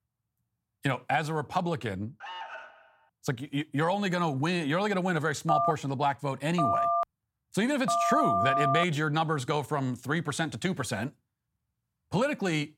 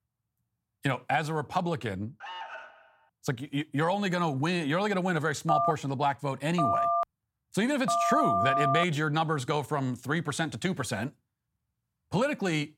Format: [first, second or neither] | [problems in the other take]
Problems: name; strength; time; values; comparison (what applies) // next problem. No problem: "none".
neither | alarm; noticeable; at 2 s; peak 10 dB below the speech; the same in both // phone ringing; loud; from 5.5 to 9 s; peak 4 dB above the speech; the same in both